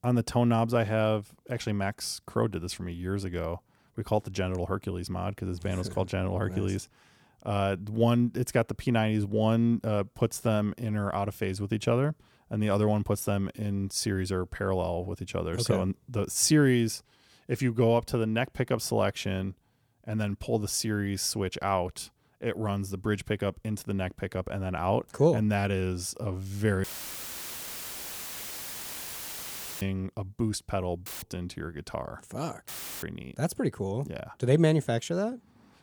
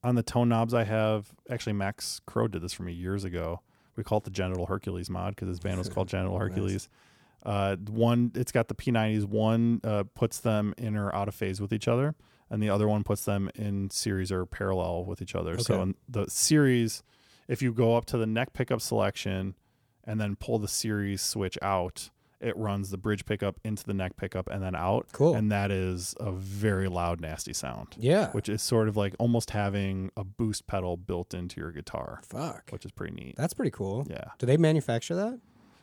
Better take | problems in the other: second | audio cutting out; filled with static; at 27 s for 3 s, at 31 s and at 33 s

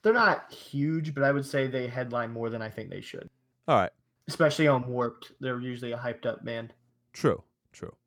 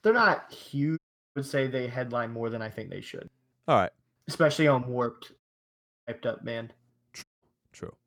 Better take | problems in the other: first | audio cutting out; at 1 s, at 5.5 s for 0.5 s and at 7 s

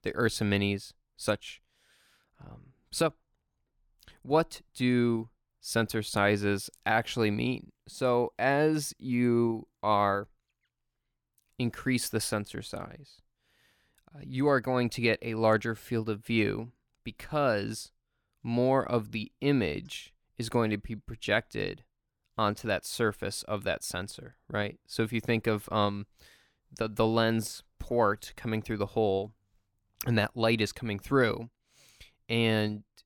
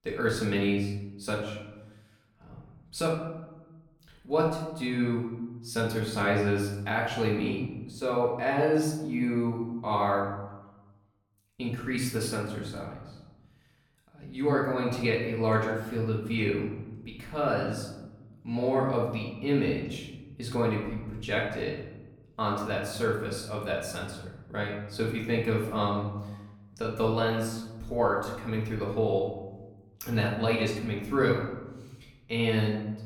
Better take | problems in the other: first | off-mic speech; far // room echo; noticeable; dies away in 1 s

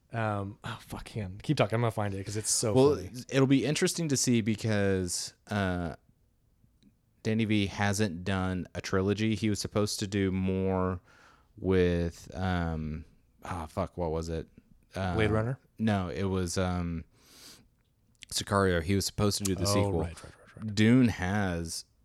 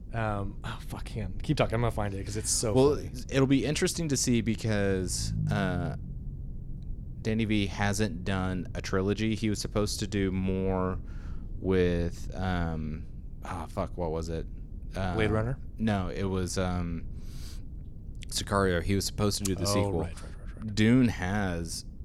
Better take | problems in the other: first | low rumble; faint; throughout; 20 dB below the speech

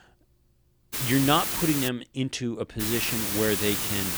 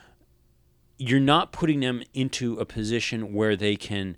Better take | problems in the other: second | hiss; loud; at 1 s and from 3 s on; as loud as the speech

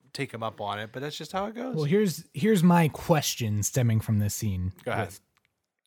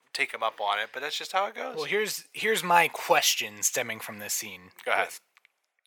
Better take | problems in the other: first | thin; very; fading below 750 Hz

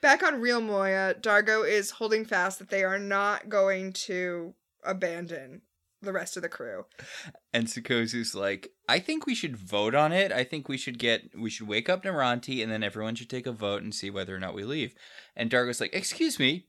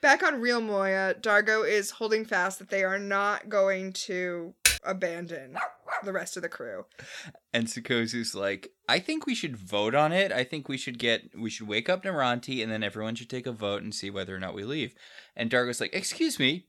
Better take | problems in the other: first | keyboard typing; loud; at 4.5 s; peak 5 dB above the speech // dog barking; noticeable; at 5.5 s; peak 4 dB below the speech

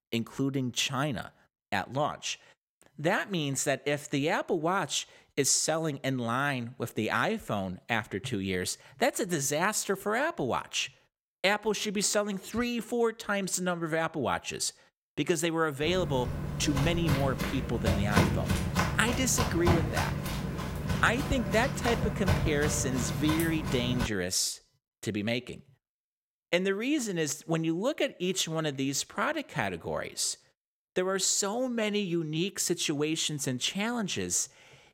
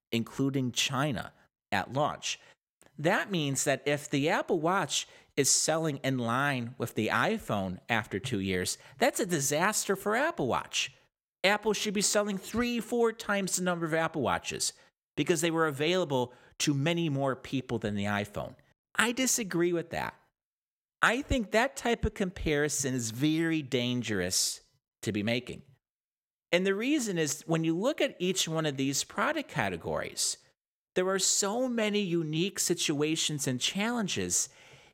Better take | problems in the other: second | footsteps; loud; from 16 to 24 s; peak 4 dB above the speech

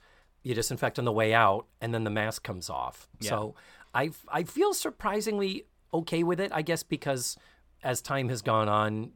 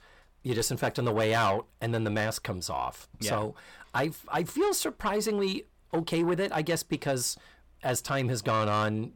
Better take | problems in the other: first | distortion; slight; 10 dB below the speech

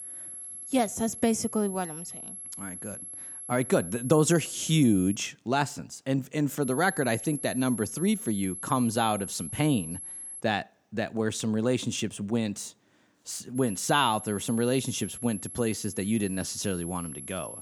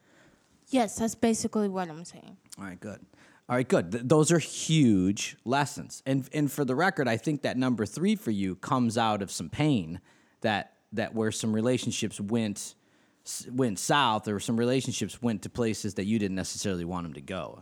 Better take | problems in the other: second | high-pitched whine; loud; until 5 s, from 6.5 to 10 s and from 14 s on; 11 kHz, 9 dB below the speech

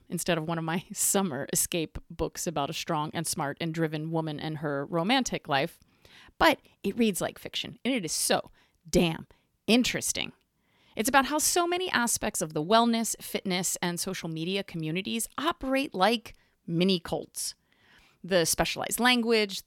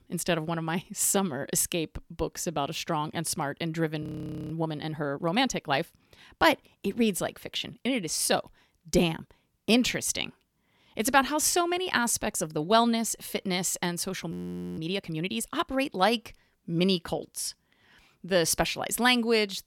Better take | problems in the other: first | audio freezing; at 4 s and at 14 s

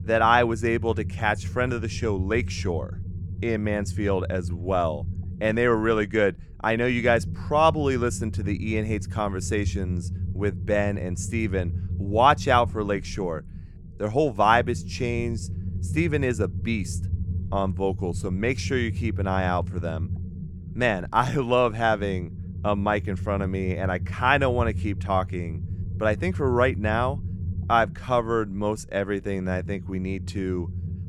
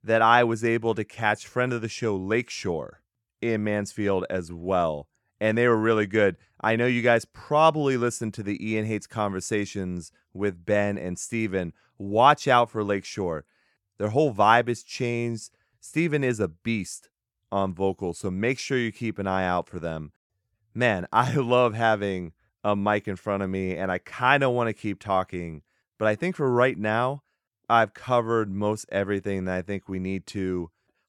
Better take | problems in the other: second | low rumble; faint; throughout; 20 dB below the speech

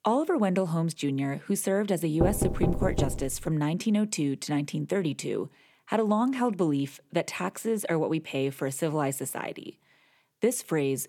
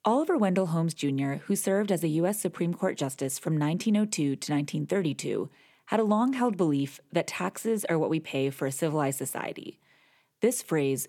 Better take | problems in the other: second | door banging; noticeable; from 2 to 3.5 s; peak level with the speech

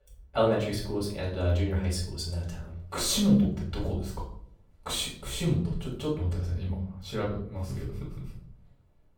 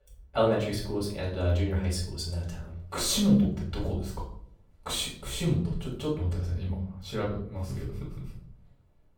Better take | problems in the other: neither | off-mic speech; far; the same in both // room echo; noticeable; dies away in 0.6 s; the same in both

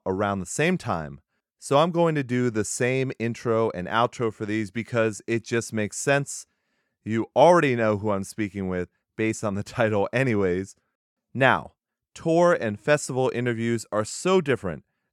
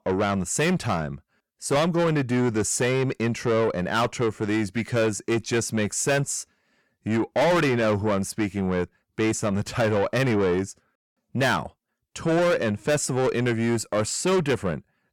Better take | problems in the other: first | distortion; heavy; 6 dB below the speech

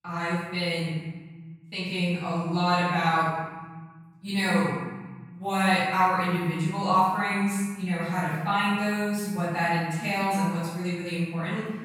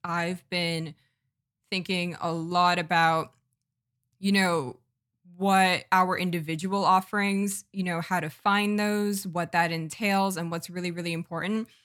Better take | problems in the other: second | off-mic speech; far // room echo; strong; dies away in 1.4 s

